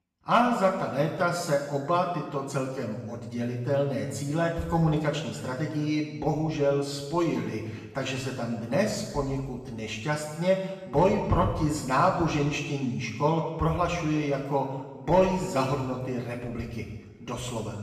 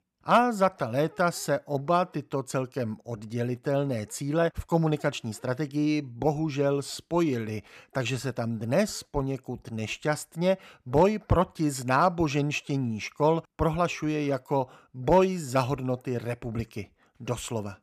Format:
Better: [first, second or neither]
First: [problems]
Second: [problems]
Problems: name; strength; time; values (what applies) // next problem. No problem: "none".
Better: second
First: room echo; noticeable; dies away in 1.1 s // off-mic speech; far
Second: none